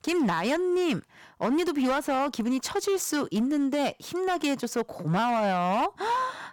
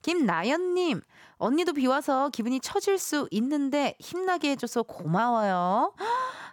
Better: second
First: distortion; slight; 13% of the sound clipped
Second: none

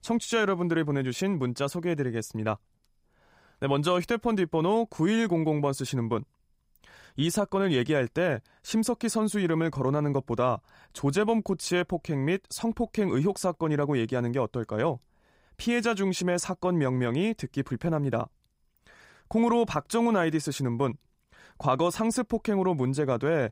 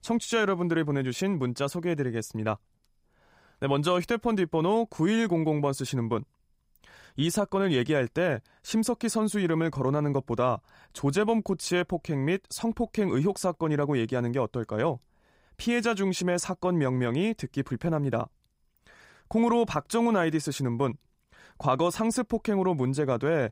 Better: neither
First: none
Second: none

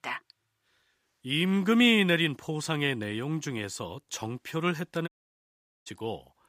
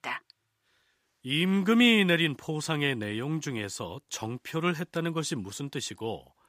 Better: second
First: audio cutting out; at 5 s for 1 s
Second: none

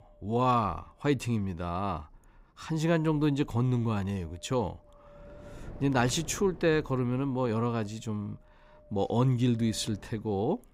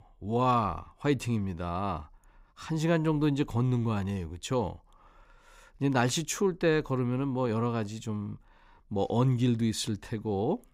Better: second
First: wind noise on the microphone; occasional gusts; 25 dB below the speech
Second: none

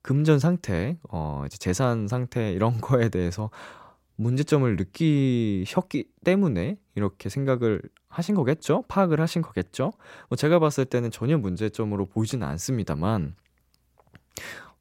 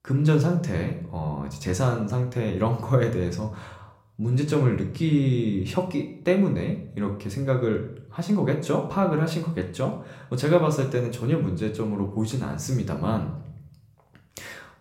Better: first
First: none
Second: room echo; slight; dies away in 0.5 s

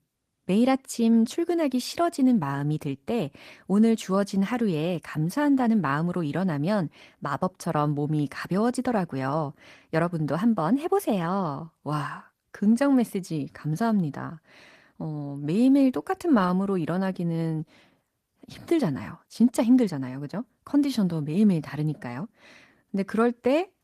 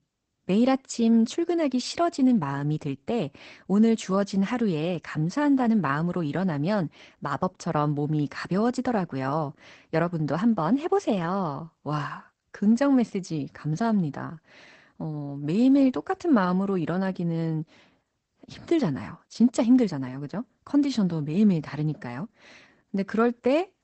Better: first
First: garbled, watery; slightly; nothing above 14.5 kHz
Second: garbled, watery; badly; nothing above 8 kHz

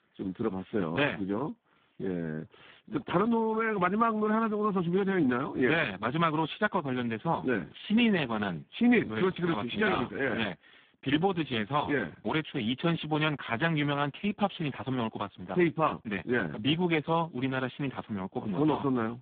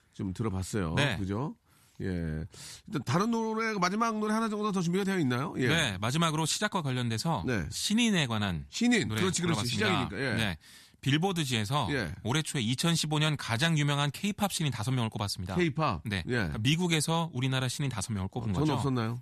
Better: second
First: phone-call audio; poor line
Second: none

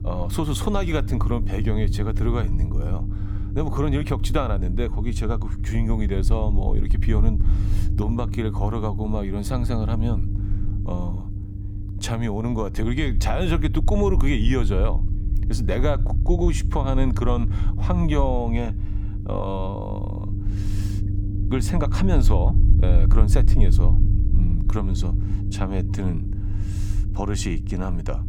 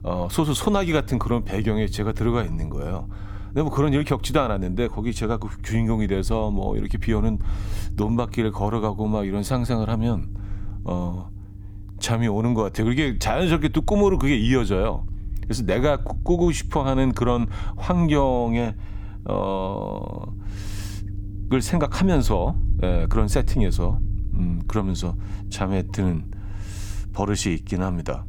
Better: second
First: low rumble; loud; throughout; 10 dB below the speech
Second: low rumble; faint; throughout; 20 dB below the speech

